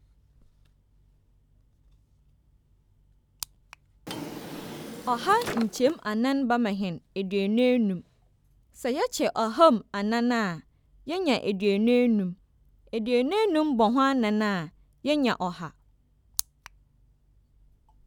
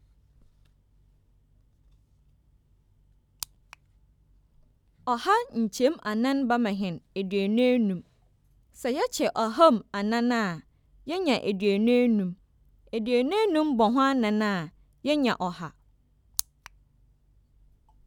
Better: second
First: background sound (Drawer open or close); 12 dB below the speech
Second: none

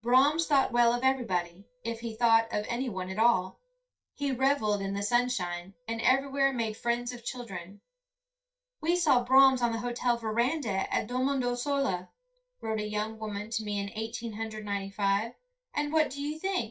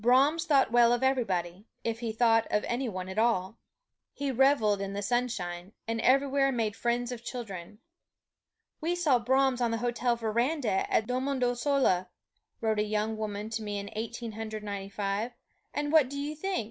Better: second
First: noise reduction (neural mask model DeepFilterNet 3)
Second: none

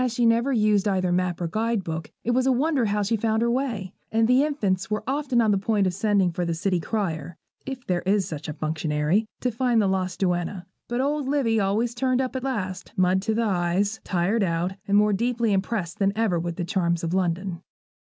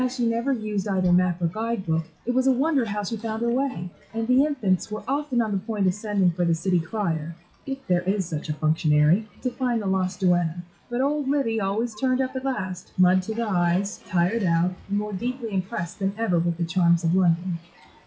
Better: first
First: none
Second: noise reduction (classical method WPE with log-MMSE)

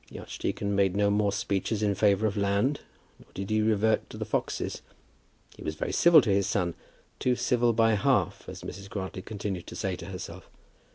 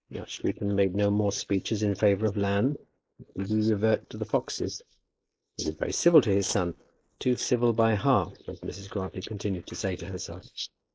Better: first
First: none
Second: noise reduction (neural mask model Resemble Enhance denoiser)

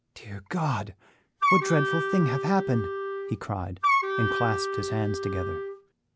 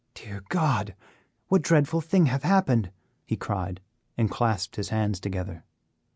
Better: second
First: background sound (Wind instrument, woodwind instrument); 1 dB above the speech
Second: none

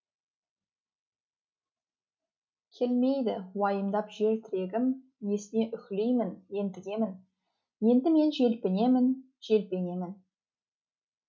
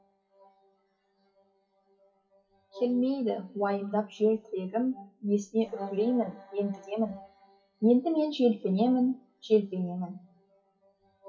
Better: first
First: none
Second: noise reduction (classical method WPE with log-MMSE)

